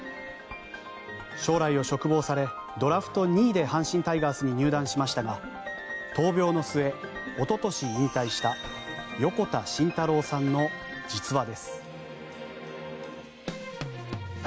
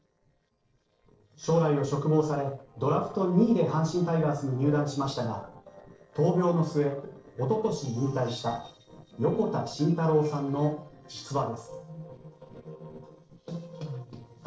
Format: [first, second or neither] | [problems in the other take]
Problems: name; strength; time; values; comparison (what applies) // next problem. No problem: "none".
first | noise reduction (neural separator model SepFormer DNS4)